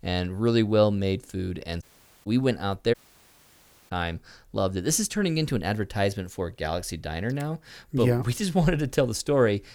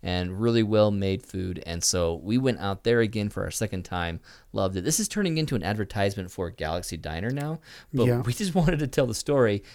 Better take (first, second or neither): second